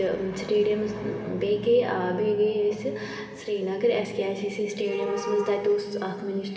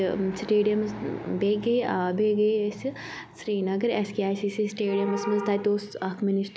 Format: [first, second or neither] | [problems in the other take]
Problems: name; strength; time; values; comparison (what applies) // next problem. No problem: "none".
second | room echo; dies away in 2.4 s